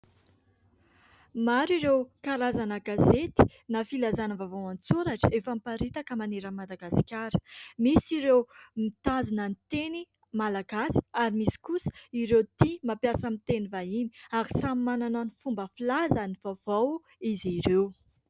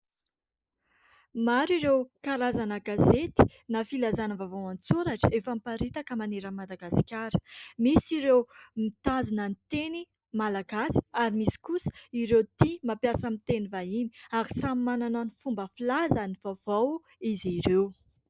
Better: first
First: none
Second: noise reduction (neural mask model Resemble Enhance denoiser)

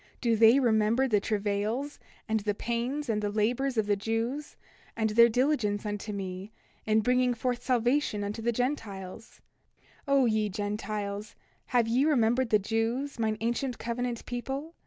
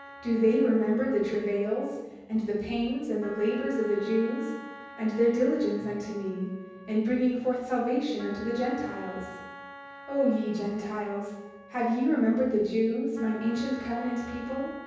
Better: first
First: none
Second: background sound (Wind instrument, woodwind instrument); 19 dB below the speech // room echo; dies away in 1.1 s

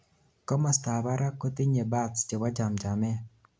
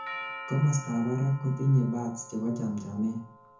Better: first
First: none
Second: background sound (Doorbell); 14 dB below the speech // room echo; dies away in 0.6 s

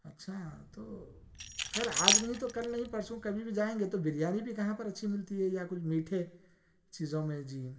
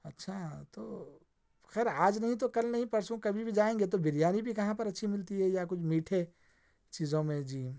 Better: second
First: background sound (Keys jangling); 1 dB above the speech // room echo; dies away in 0.6 s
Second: none

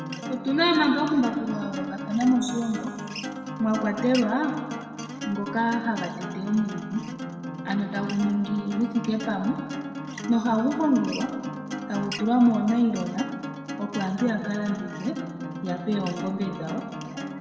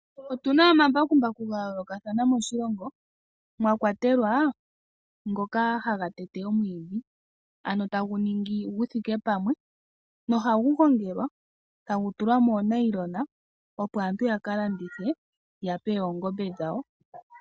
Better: second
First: background sound (Acoustic guitar); 8 dB below the speech // room echo; dies away in 1.8 s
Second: none

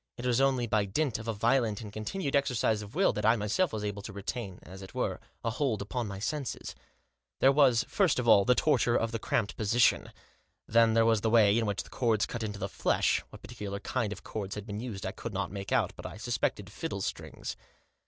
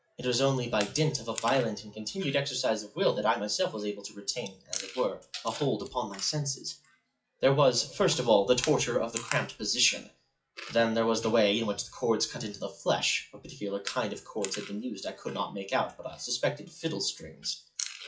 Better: first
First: none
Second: noise reduction (classical method WPE with log-MMSE)

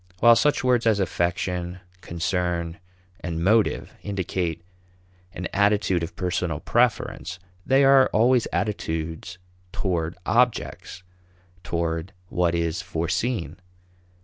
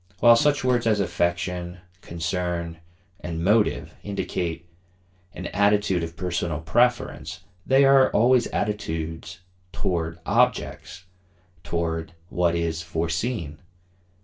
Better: first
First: none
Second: background sound (Fart); 18 dB below the speech // room echo; dies away in 0.2 s

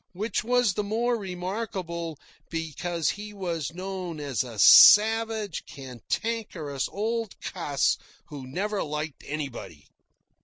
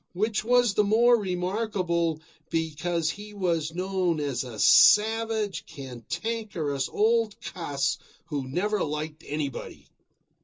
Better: first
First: none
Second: room echo; dies away in 0.2 s

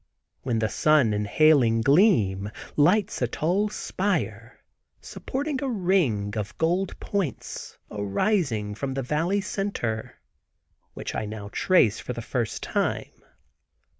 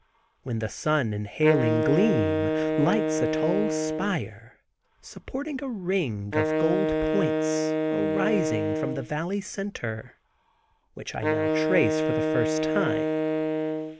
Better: first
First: none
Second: background sound (Wind instrument, woodwind instrument); 2 dB above the speech

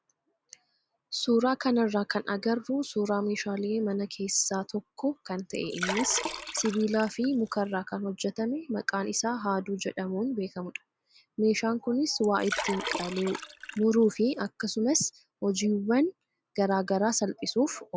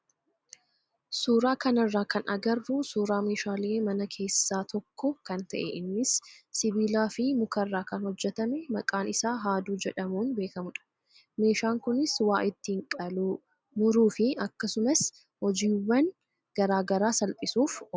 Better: second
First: background sound (Liquid); 9 dB below the speech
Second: none

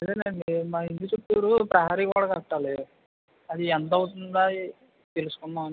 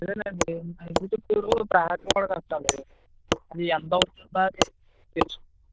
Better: first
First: none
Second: noise reduction (neural diffusion model UNIVERSE++)

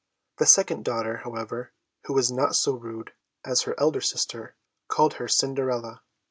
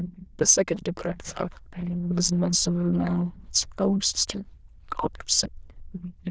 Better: first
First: none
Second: noise reduction (neural diffusion model UNIVERSE++)

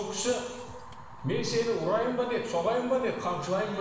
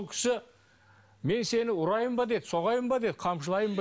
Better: second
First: background sound (Fire); 17 dB below the speech // room echo; dies away in 1.2 s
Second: none

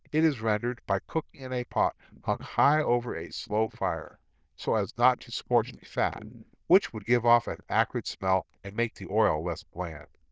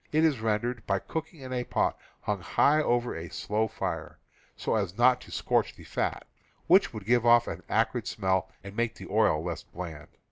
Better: second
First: noise reduction (neural diffusion model UNIVERSE++)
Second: none

